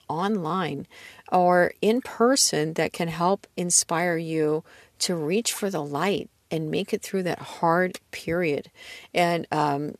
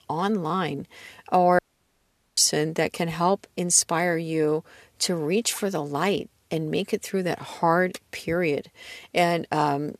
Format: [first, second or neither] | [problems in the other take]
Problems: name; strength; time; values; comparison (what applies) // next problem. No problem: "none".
first | audio cutting out; at 1.5 s for 1 s